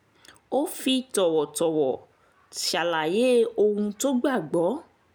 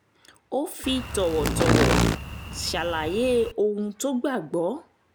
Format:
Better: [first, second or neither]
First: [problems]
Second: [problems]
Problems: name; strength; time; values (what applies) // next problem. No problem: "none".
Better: first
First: none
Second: background sound (Insect); 1 dB above the speech